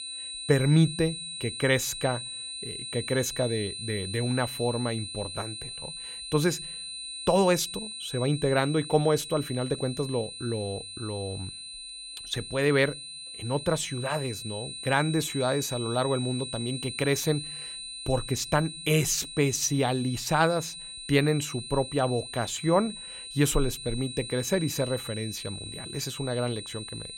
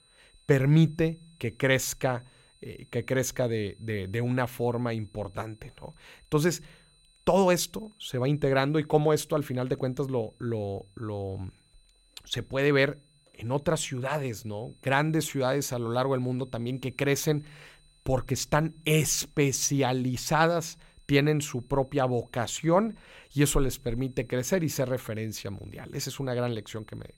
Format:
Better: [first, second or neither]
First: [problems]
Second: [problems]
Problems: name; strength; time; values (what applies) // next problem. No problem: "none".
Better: second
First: high-pitched whine; loud; throughout; 4 kHz, 8 dB below the speech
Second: high-pitched whine; faint; throughout; 4 kHz, 35 dB below the speech